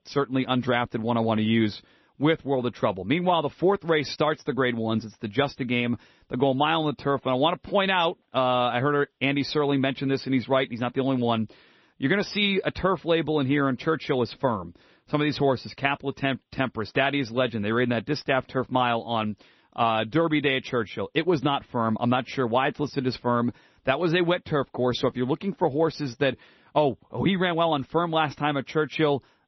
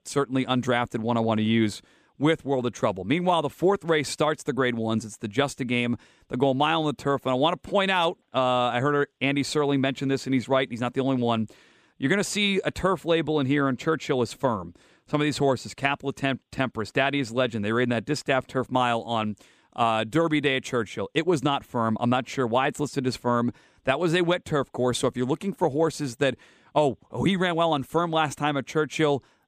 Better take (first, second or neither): second